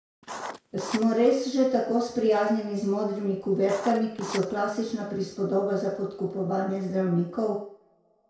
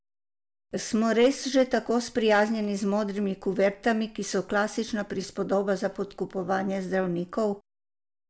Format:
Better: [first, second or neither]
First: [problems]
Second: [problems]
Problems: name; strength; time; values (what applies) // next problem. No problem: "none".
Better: second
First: background sound (Writing); 12 dB below the speech // room echo; dies away in 0.5 s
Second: none